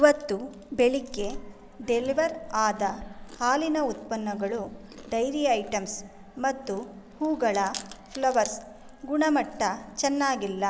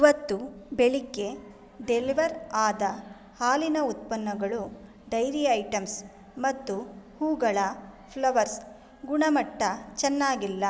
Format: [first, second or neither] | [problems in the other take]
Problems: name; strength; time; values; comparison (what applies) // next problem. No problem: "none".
second | background sound (Chewing, mastication); 18 dB below the speech